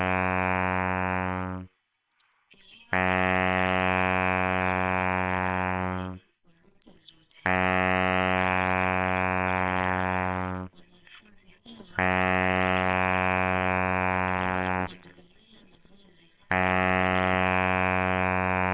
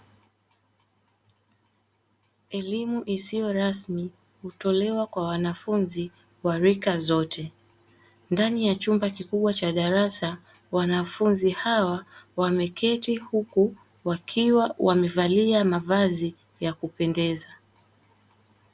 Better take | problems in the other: second | noise reduction (neural separator model SepFormer WHAMR!)

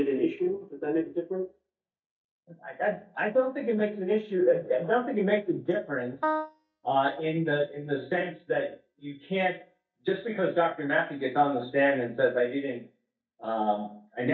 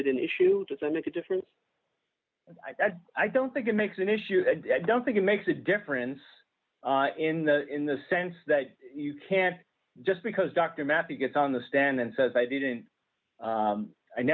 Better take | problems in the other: second | noise reduction (neural mask model DeepFilterNet 3)

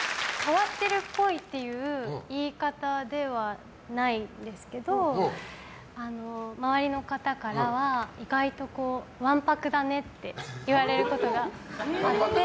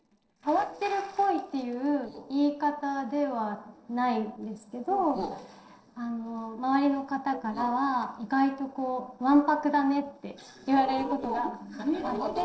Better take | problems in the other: first | noise reduction (neural separator model SepFormer DNS4)

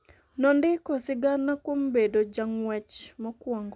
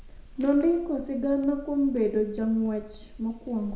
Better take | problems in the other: first | background sound (Fire); 18 dB below the speech // room echo; dies away in 0.6 s

